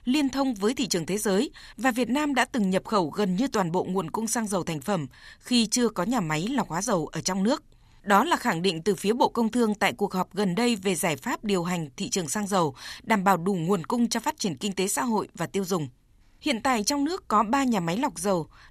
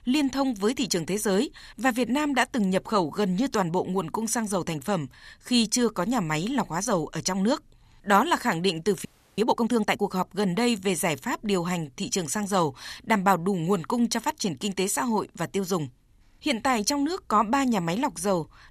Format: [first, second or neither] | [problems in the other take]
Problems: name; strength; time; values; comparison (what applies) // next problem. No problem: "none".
first | audio freezing; at 9 s